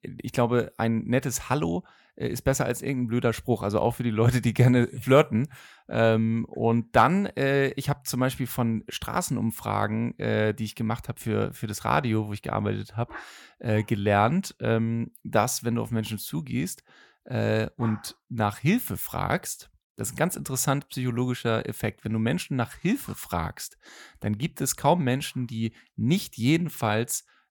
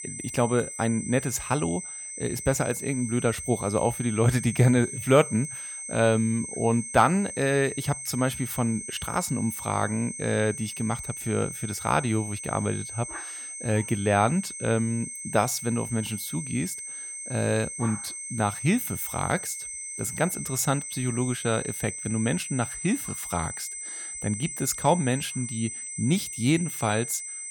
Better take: first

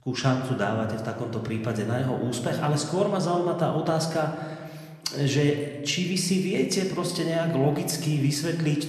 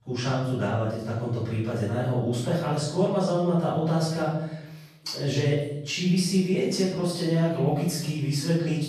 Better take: first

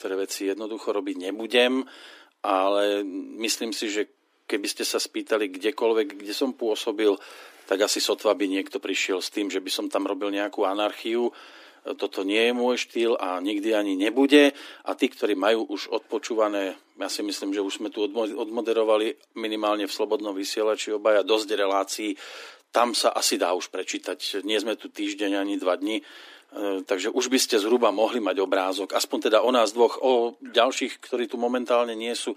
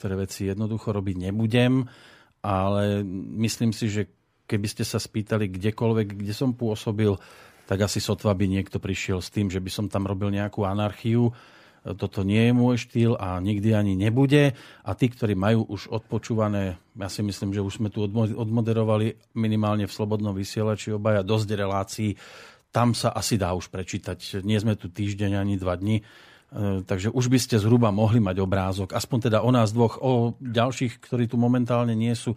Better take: second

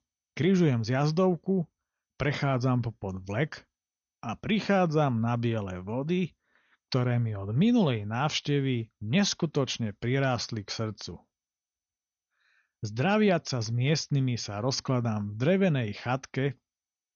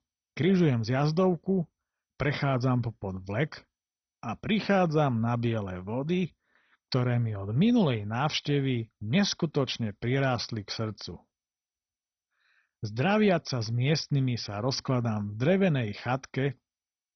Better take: first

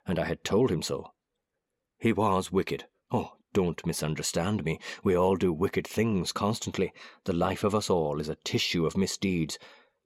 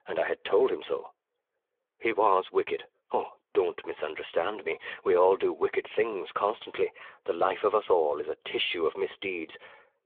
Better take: first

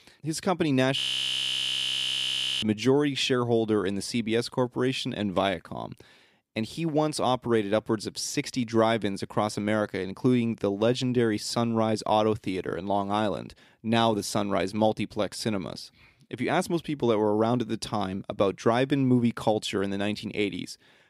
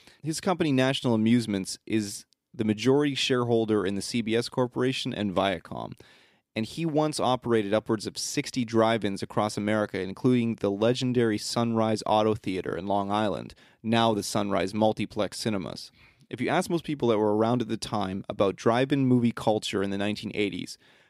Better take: second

